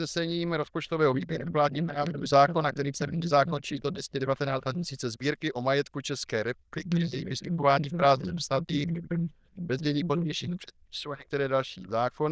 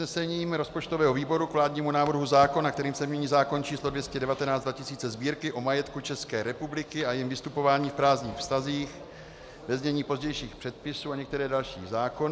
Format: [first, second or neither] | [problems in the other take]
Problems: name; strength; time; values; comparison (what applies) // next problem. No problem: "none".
second | noise reduction (neural diffusion model UNIVERSE++)